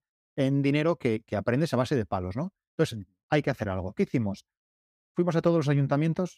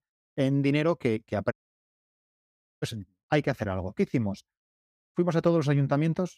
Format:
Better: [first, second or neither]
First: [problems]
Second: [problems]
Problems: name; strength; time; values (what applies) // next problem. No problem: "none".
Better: first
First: none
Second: audio cutting out; at 1.5 s for 1.5 s